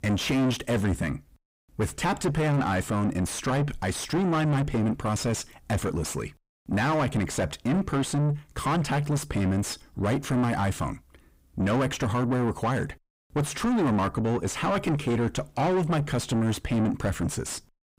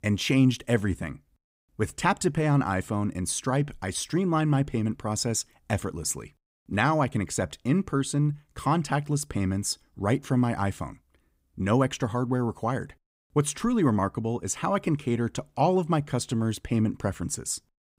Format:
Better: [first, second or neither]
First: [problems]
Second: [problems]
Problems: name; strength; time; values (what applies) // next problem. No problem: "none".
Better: second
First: distortion; heavy; 5 dB below the speech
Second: none